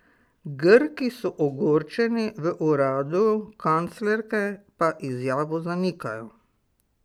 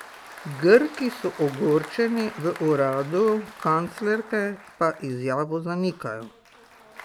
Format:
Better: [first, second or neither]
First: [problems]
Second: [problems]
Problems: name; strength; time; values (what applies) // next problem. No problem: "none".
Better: first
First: none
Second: background sound (Applause); 18 dB below the speech